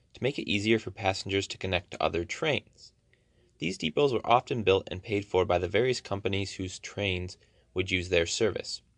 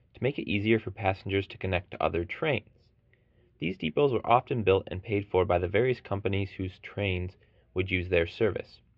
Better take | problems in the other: first | muffled; very slightly; fading above 3 kHz

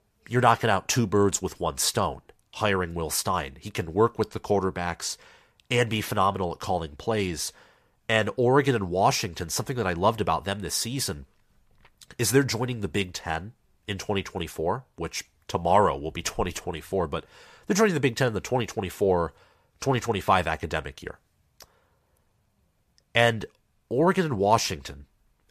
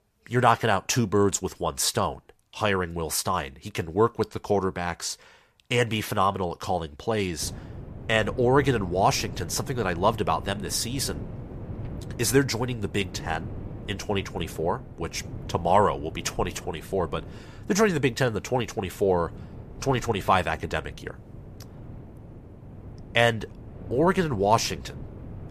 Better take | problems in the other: first | wind noise on the microphone; occasional gusts; from 7.5 s on; 20 dB below the speech

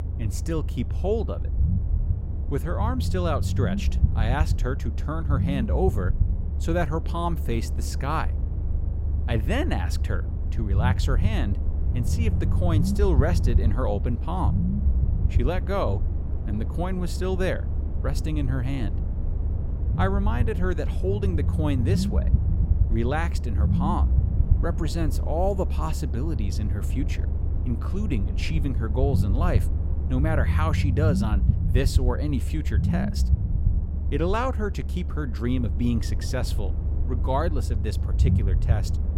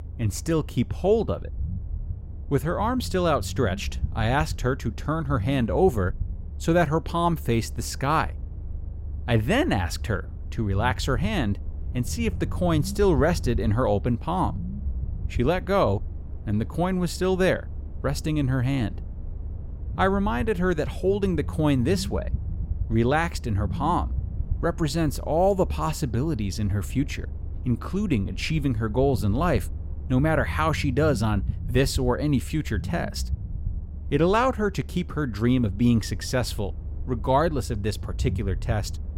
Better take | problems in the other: second | low rumble; loud; throughout; 9 dB below the speech; faint in the second

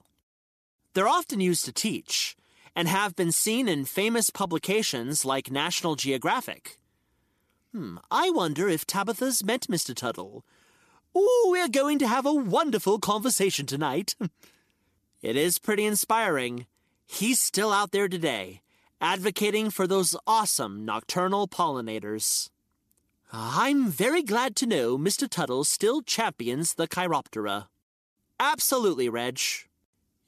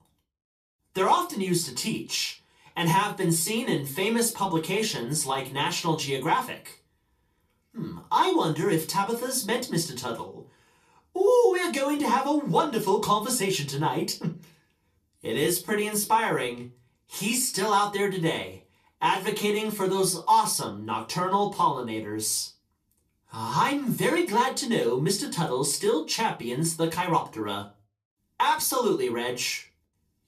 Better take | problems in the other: first | off-mic speech; somewhat distant // room echo; very slight; dies away in 0.2 s

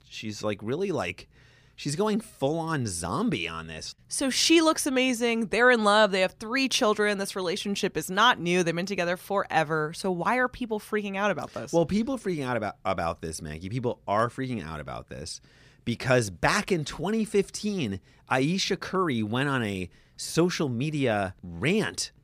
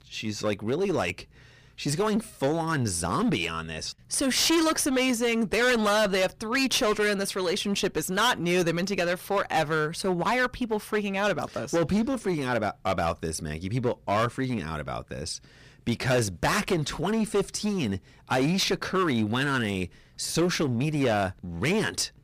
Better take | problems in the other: first | distortion; heavy; 12% of the sound clipped

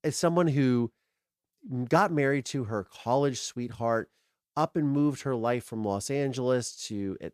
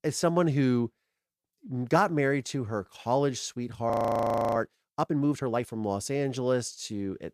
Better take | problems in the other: first | audio freezing; at 4 s for 0.5 s

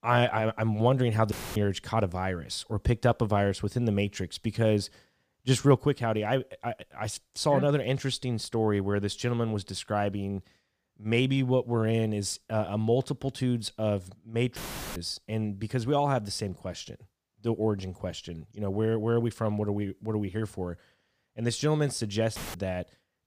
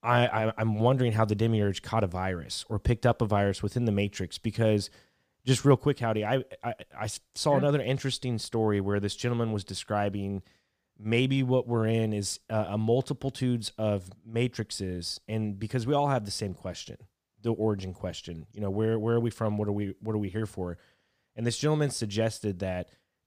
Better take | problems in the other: second | audio cutting out; filled with static; at 1.5 s, at 15 s and at 22 s

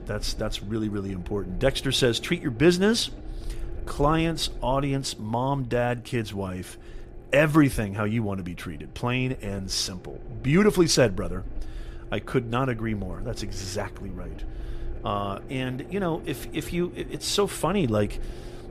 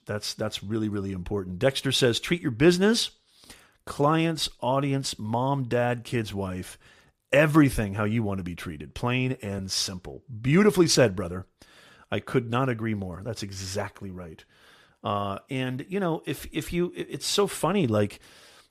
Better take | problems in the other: second | low rumble; faint; throughout; 20 dB below the speech

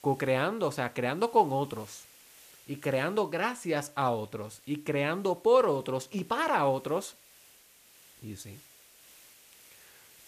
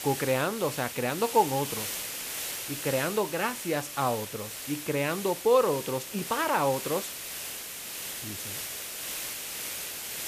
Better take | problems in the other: first | hiss; loud; throughout; 6 dB below the speech; faint in the first

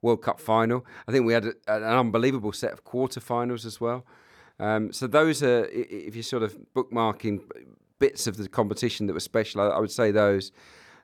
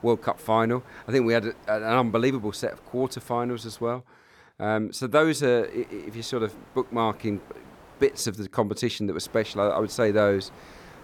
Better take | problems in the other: first | hiss; faint; until 4 s, from 5.5 to 8 s and from 9 s on; 25 dB below the speech

